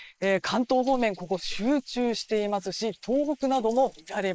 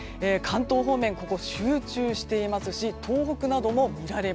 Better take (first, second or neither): second